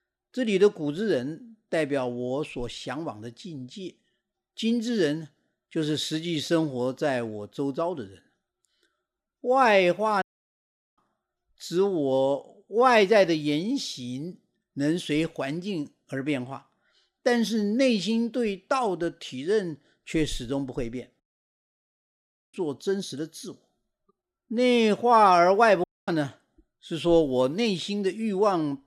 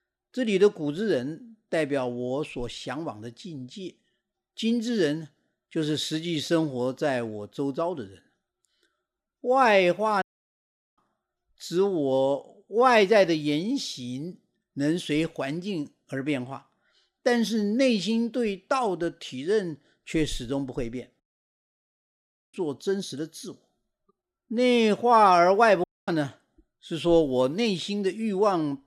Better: neither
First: audio cutting out; at 10 s for 1 s, at 21 s for 1.5 s and at 26 s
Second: audio cutting out; at 10 s for 1 s, at 21 s for 1.5 s and at 26 s

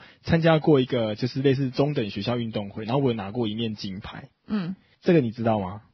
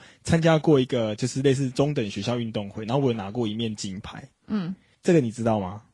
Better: second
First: garbled, watery; badly; nothing above 5.5 kHz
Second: garbled, watery; slightly

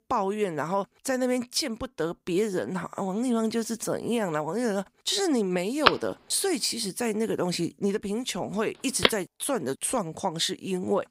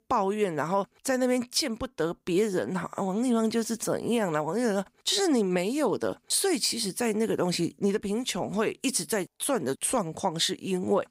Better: second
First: phone ringing; loud; from 6 to 9 s; peak 4 dB above the speech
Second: none

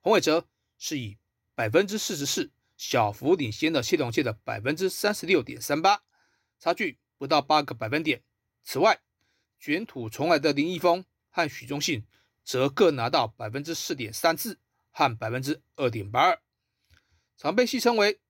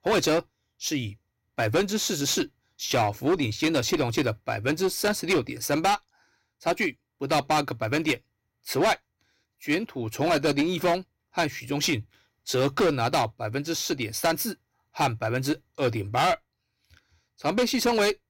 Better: first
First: none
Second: distortion; heavy; 9% of the sound clipped

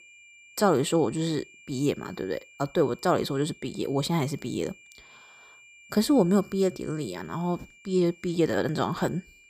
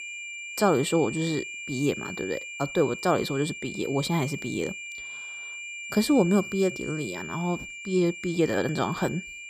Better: first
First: high-pitched whine; faint; throughout; 2.5 kHz, 25 dB below the speech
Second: high-pitched whine; loud; throughout; 2.5 kHz, 9 dB below the speech

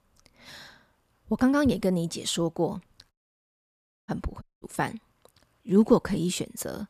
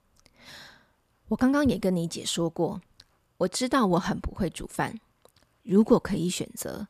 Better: second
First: audio cutting out; at 3 s for 1 s and at 4.5 s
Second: none

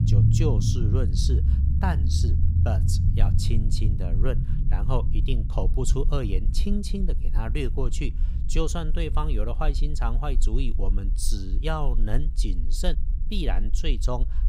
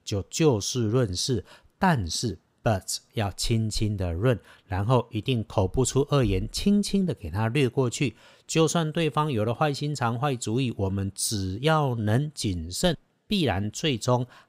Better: second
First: low rumble; loud; throughout; 7 dB below the speech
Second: none

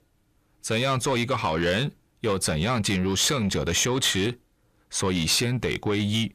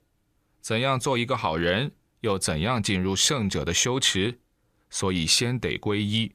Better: second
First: distortion; slight; 10 dB below the speech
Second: none

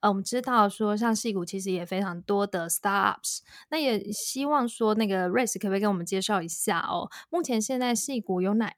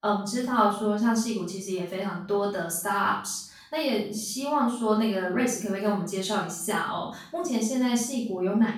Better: first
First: none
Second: off-mic speech; far // room echo; noticeable; dies away in 0.5 s

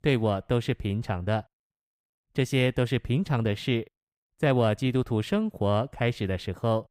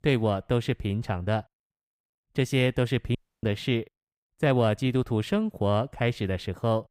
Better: first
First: none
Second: audio cutting out; at 3 s

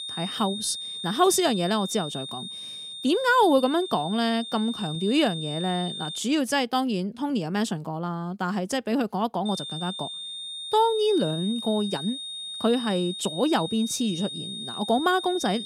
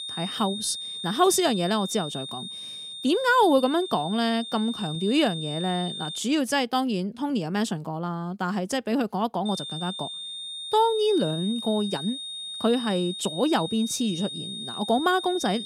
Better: neither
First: high-pitched whine; loud; until 6 s and from 9.5 s on; 3.5 kHz, 8 dB below the speech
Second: high-pitched whine; loud; until 6 s and from 9.5 s on; 3.5 kHz, 8 dB below the speech

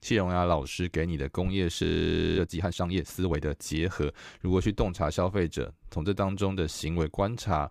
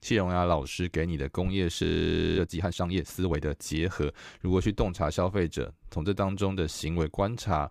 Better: neither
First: audio freezing; at 2 s for 0.5 s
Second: audio freezing; at 2 s for 0.5 s

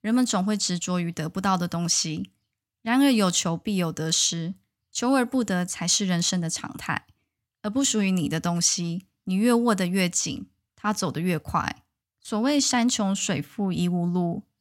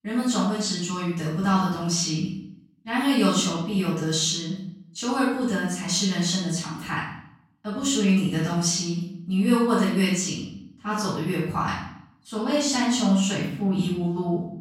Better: first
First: none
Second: off-mic speech; far // room echo; noticeable; dies away in 0.6 s

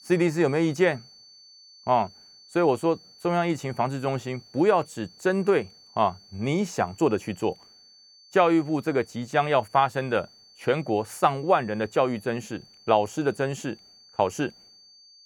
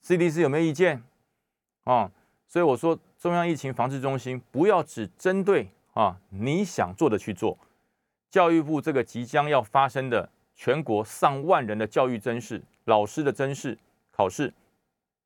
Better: second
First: high-pitched whine; faint; throughout; 4.5 kHz, 25 dB below the speech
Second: none

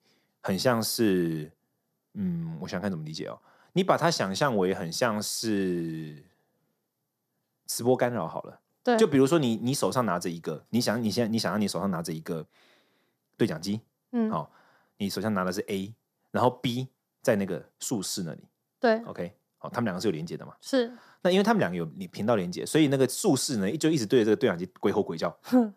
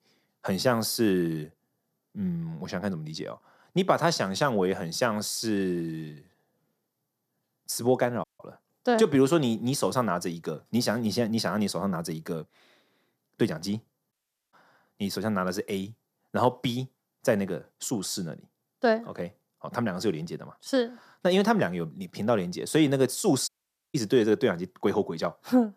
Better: first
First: none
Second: audio cutting out; at 8 s, at 14 s and at 23 s

